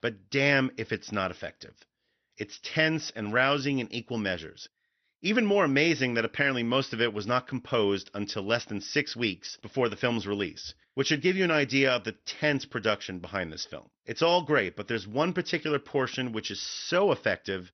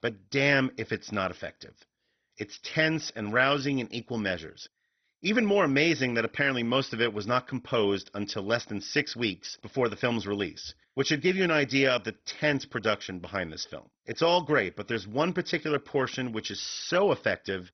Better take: first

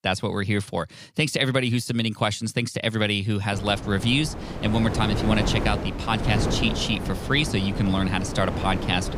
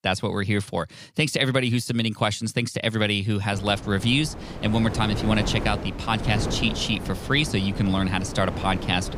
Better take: second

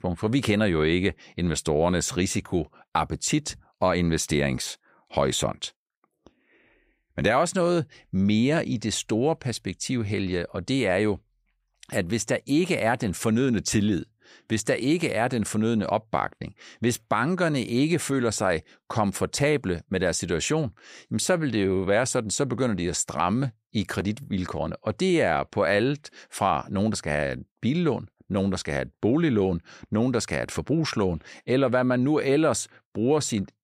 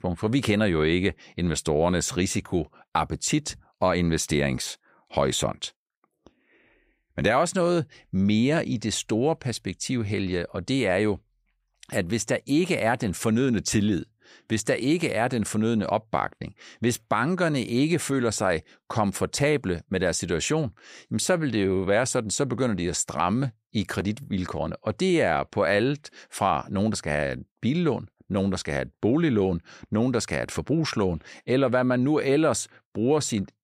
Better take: neither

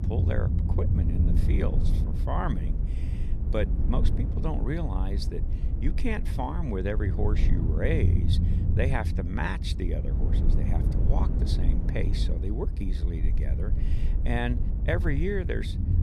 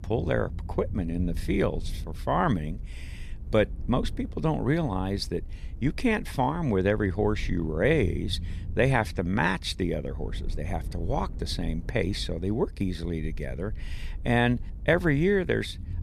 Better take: second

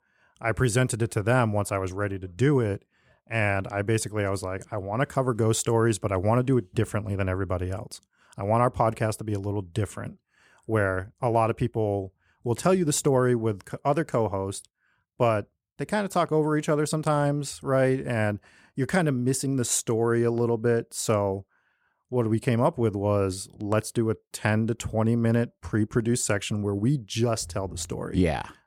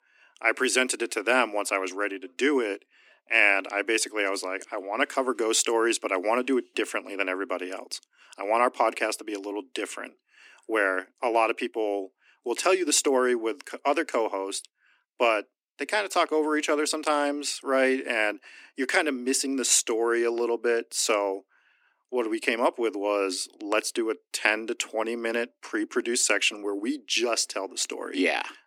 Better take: first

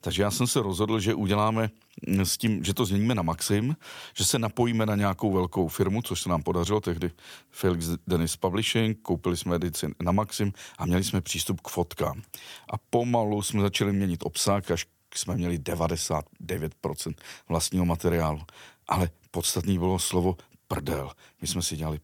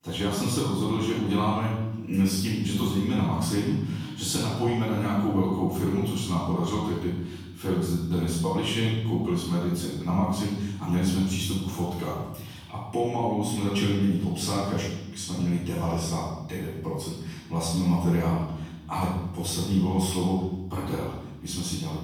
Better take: first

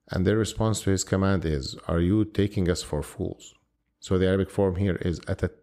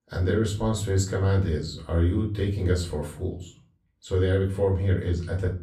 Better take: first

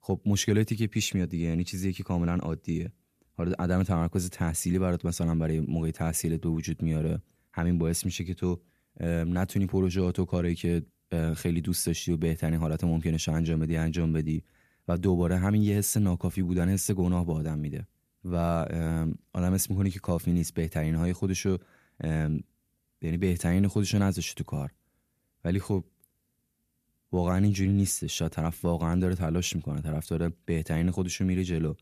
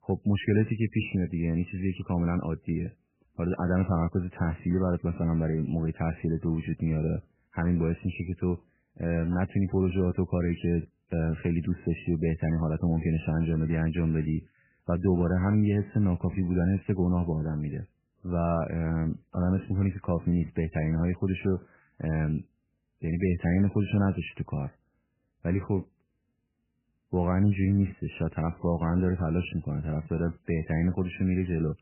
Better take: first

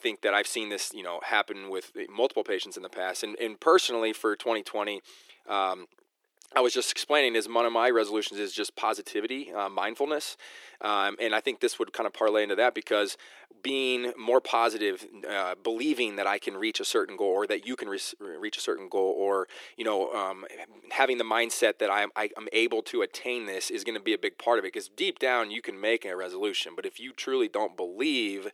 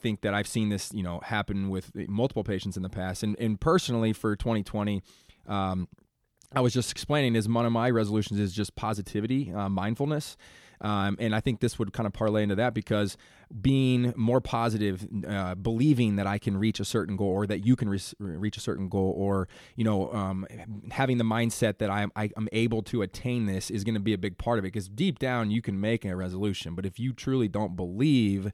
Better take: second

